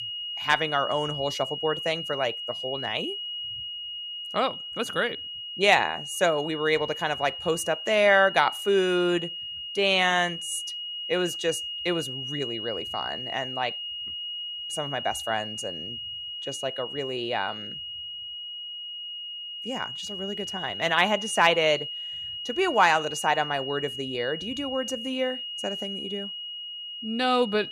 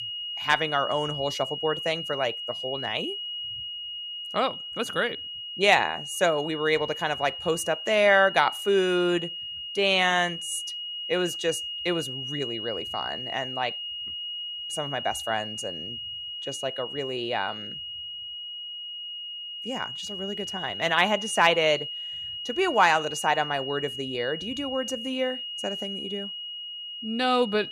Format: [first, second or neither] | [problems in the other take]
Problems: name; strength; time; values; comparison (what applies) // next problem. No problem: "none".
neither | high-pitched whine; loud; throughout; 3 kHz, 6 dB below the speech; the same in both